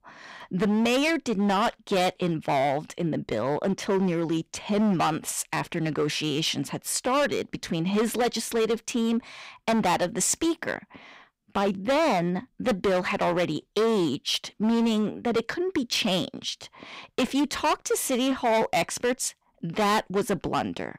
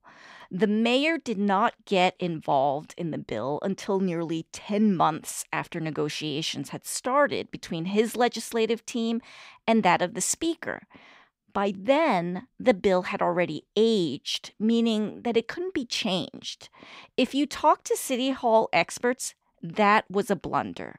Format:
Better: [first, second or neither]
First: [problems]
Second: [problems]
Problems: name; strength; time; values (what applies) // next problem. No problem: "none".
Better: second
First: distortion; heavy; 13% of the sound clipped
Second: none